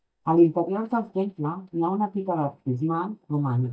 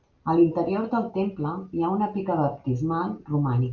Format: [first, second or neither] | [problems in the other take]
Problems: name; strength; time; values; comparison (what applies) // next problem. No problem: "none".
second | noise reduction (neural mask model DeepFilterNet 3)